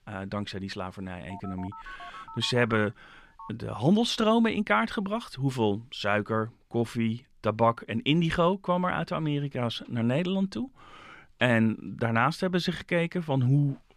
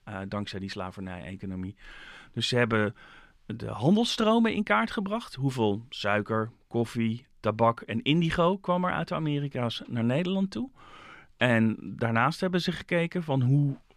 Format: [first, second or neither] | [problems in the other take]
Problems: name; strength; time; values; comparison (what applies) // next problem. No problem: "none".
second | phone ringing; faint; from 1.5 to 3.5 s; peak 15 dB below the speech